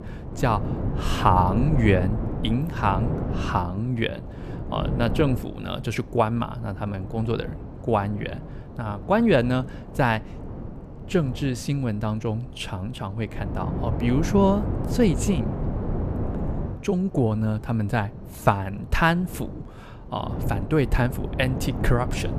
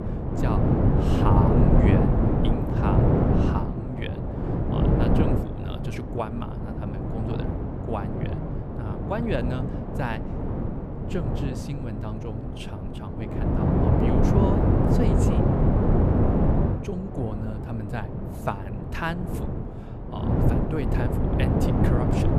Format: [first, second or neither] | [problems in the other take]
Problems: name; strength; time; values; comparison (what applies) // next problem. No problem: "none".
first | wind noise on the microphone; heavy; 4 dB above the speech; occasional gusts in the first